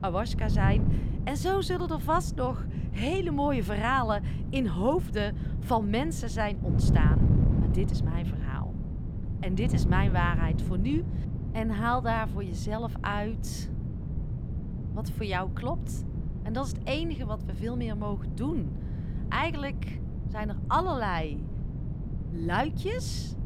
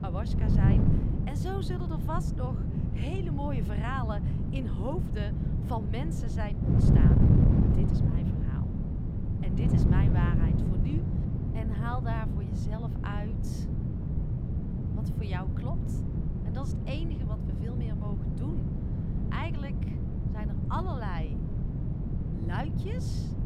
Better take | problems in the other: first | wind noise on the microphone; heavy; 1 dB above the speech; occasional gusts in the first

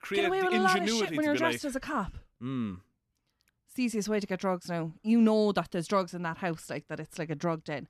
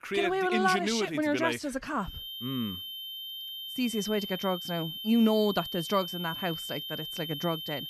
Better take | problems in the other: first | high-pitched whine; loud; from 2 s on; 3 kHz, 7 dB below the speech

